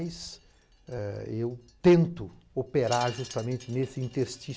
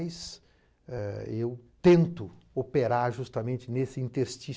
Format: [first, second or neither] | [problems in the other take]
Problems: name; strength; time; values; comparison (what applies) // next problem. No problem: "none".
second | background sound (Wind chime); 20 dB below the speech